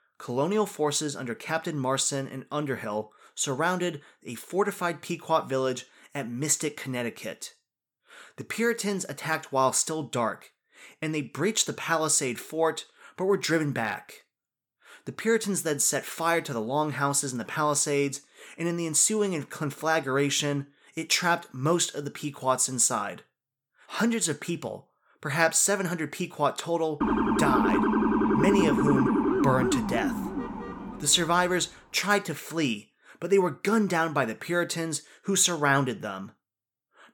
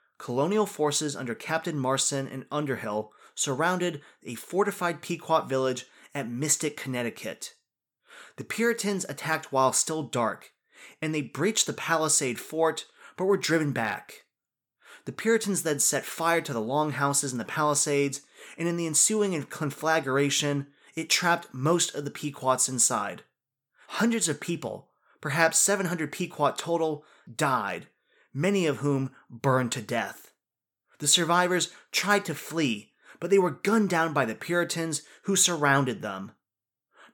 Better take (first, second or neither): second